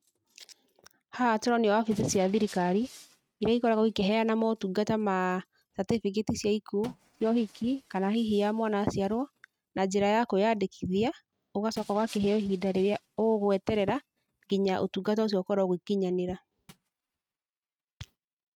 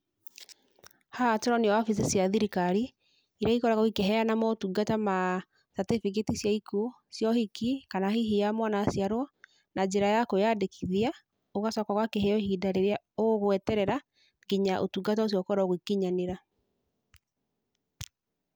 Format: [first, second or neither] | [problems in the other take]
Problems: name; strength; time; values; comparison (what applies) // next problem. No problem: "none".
second | noise reduction (neural mask model RNNoise)